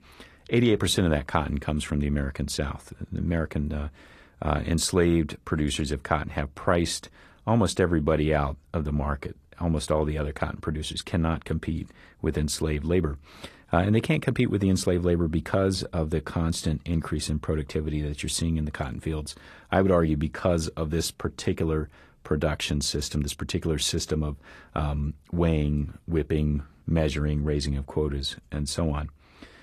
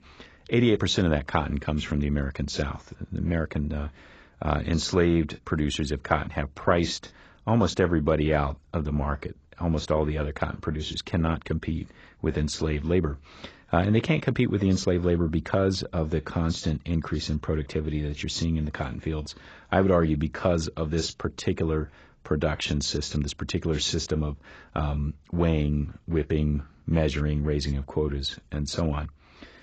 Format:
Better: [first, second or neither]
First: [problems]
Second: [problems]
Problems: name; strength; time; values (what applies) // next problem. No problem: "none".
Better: first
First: garbled, watery; slightly; nothing above 14.5 kHz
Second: garbled, watery; badly; nothing above 7.5 kHz